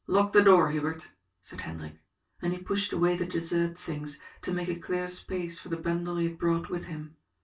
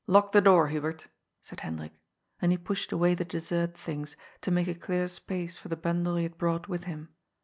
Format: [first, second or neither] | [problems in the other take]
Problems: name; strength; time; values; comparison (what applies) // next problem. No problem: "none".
second | room echo; dies away in 0.1 s